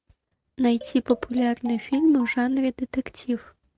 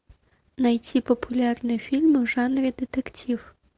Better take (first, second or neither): second